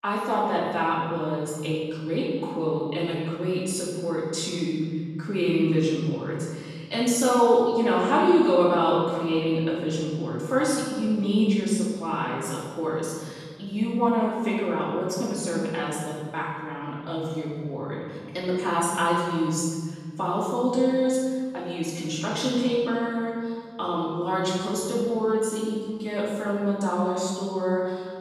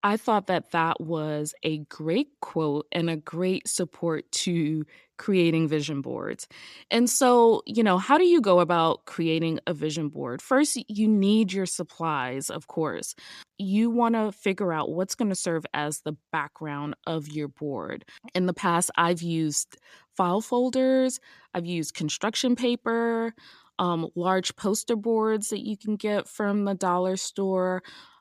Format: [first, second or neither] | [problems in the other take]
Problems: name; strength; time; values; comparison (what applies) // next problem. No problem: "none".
second | off-mic speech; far // room echo; strong; dies away in 1.9 s